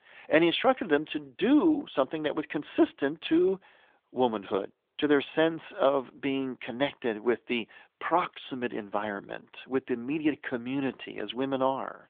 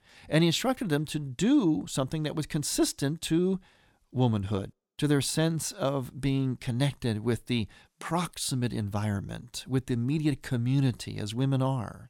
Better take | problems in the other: second | phone-call audio; nothing above 3.5 kHz

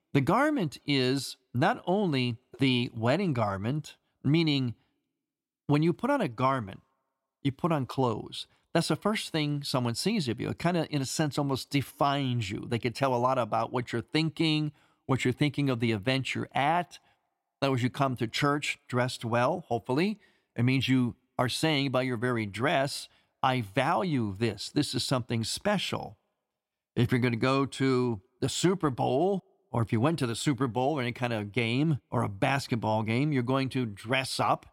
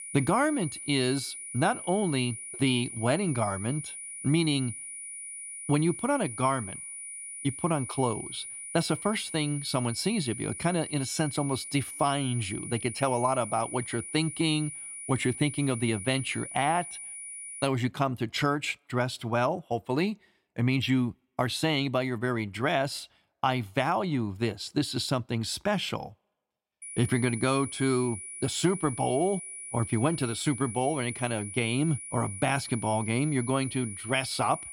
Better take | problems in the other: first | high-pitched whine; loud; until 18 s and from 27 s on; 9.5 kHz, 9 dB below the speech

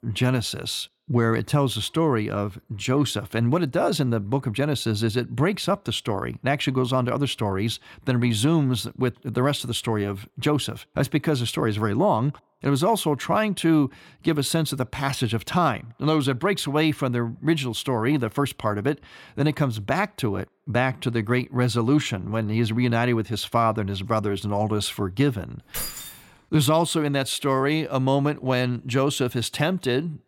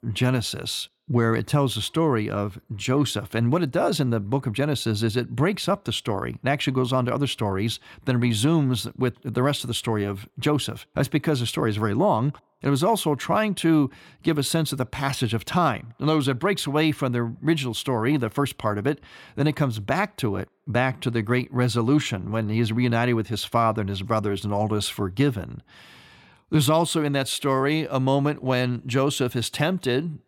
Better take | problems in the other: second | jangling keys; noticeable; at 26 s; peak 6 dB below the speech

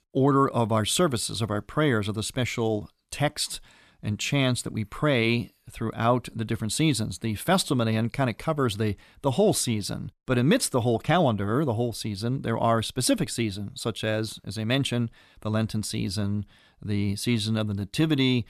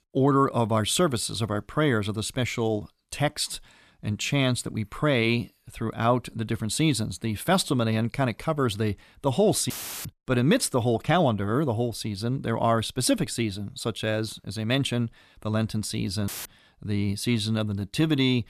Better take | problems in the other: first | audio cutting out; filled with static; at 9.5 s and at 16 s

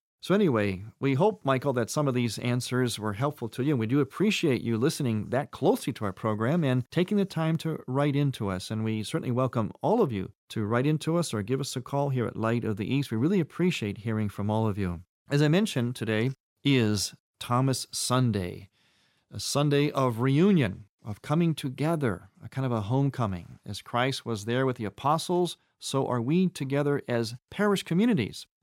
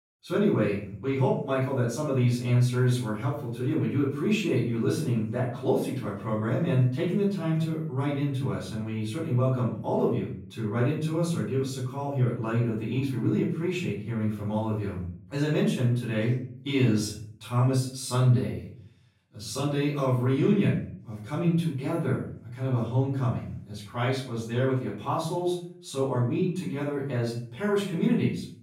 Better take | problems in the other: first | off-mic speech; far // room echo; noticeable; dies away in 0.5 s

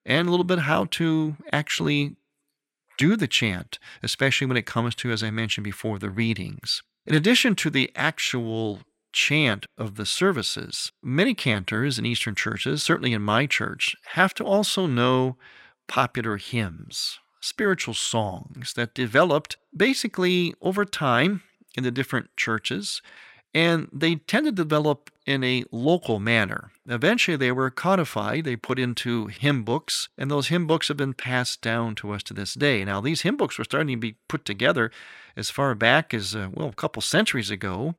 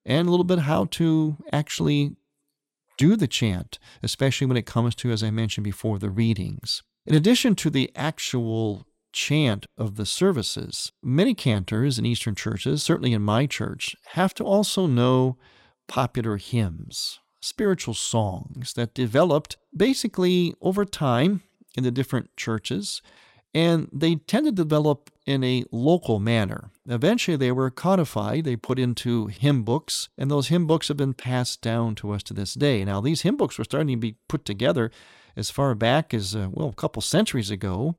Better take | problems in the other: second | thin; very slightly; fading below 250 Hz

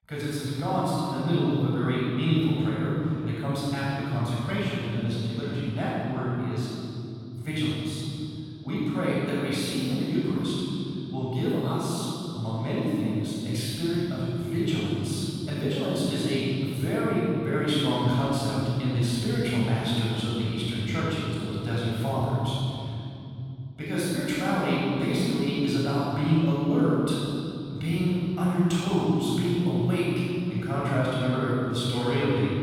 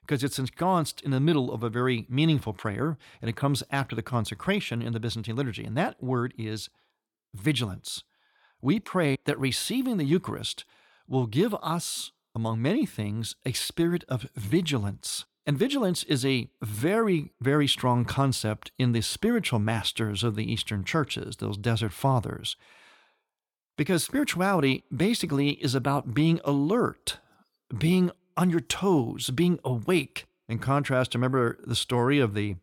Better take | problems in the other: second | room echo; strong; dies away in 3 s // off-mic speech; far

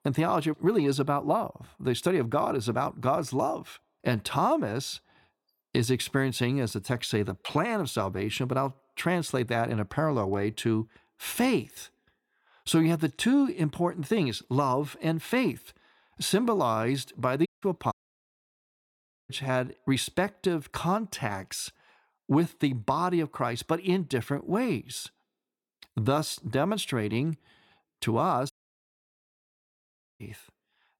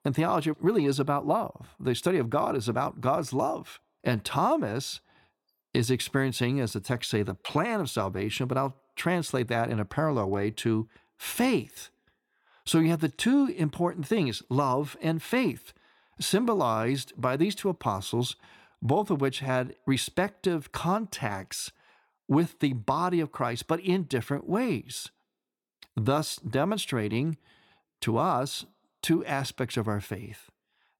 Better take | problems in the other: second | audio cutting out; at 17 s, at 18 s for 1.5 s and at 29 s for 1.5 s

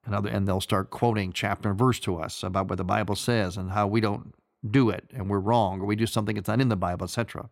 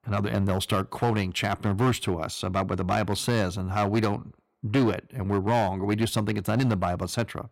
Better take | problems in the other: first | distortion; slight; 6% of the sound clipped

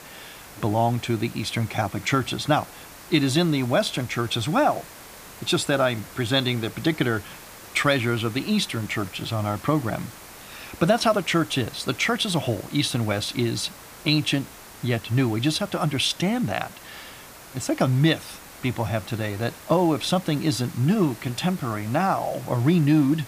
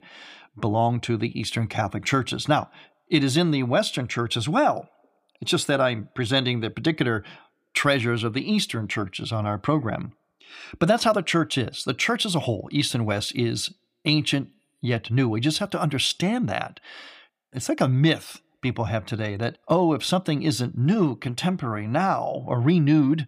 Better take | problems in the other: second | hiss; noticeable; throughout; 20 dB below the speech

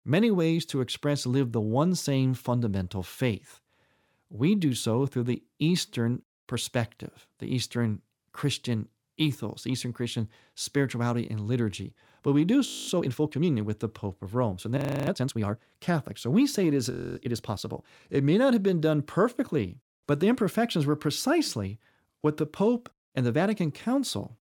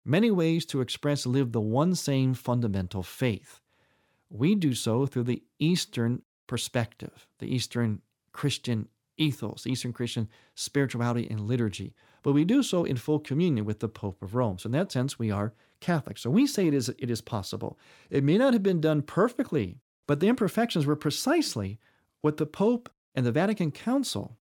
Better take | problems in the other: second | audio freezing; at 13 s, at 15 s and at 17 s

